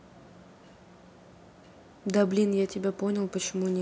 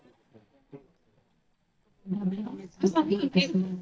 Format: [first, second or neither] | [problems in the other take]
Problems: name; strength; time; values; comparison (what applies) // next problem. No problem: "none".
first | noise reduction (neural mask model DeepFilterNet 3)